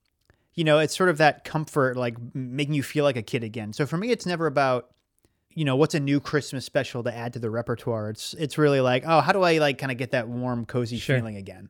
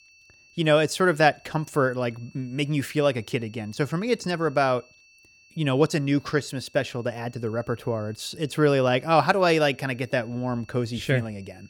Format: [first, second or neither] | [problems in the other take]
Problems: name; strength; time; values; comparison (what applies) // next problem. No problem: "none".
first | high-pitched whine; faint; throughout; 2.5 kHz, 30 dB below the speech